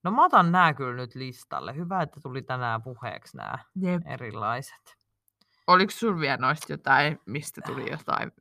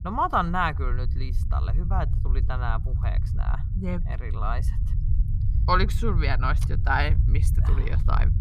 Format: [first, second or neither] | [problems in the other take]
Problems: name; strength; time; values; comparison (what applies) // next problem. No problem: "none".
first | low rumble; noticeable; throughout; 15 dB below the speech